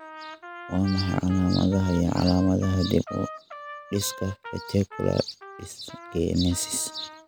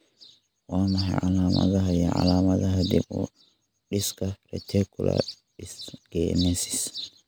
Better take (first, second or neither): second